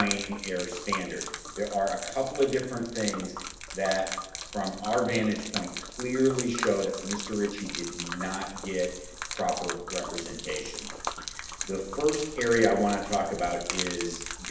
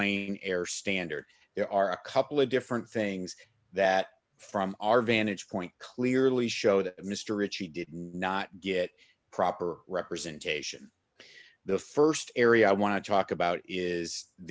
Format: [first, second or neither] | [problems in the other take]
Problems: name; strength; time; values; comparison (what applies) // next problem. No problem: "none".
second | background sound (Gurgling / Liquid); 7 dB below the speech // room echo; dies away in 0.8 s